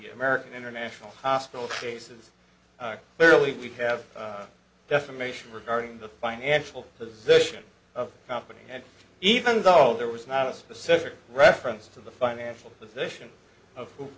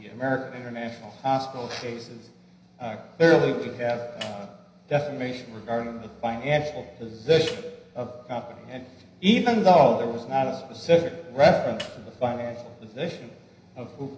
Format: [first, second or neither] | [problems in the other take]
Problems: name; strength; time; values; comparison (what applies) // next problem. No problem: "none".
first | background sound (Snare drum); 20 dB below the speech // room echo; dies away in 0.9 s